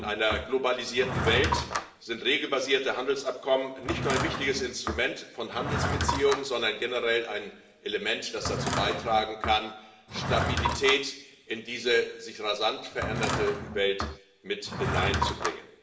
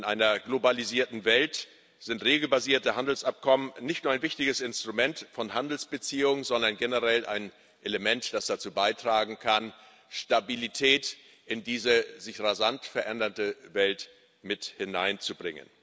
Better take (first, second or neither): second